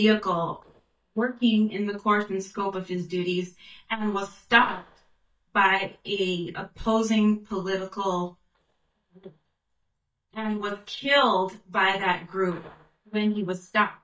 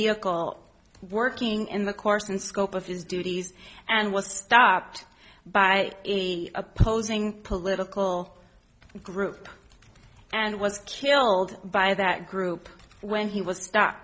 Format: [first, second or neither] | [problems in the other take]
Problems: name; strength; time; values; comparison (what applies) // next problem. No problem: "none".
second | noise reduction (neural mask model DeepFilterNet 3)